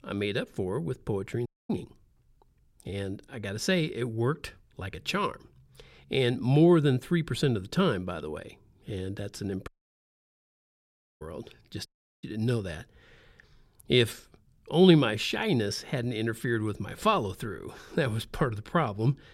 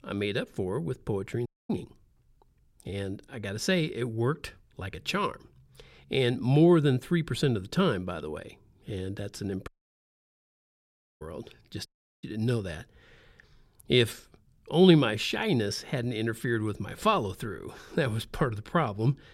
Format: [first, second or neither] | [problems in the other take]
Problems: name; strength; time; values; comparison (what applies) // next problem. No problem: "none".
neither | audio cutting out; at 1.5 s, at 9.5 s for 1.5 s and at 12 s; the same in both